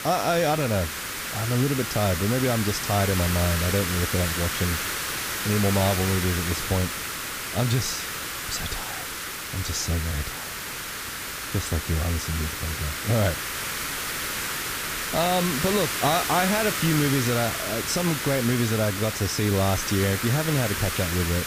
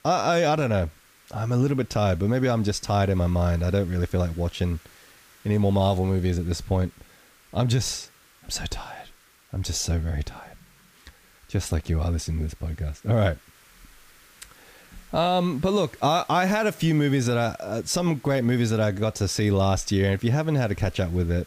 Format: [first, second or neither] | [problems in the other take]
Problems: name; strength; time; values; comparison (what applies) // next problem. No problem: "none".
second | hiss; loud; throughout; 2 dB below the speech; faint in the second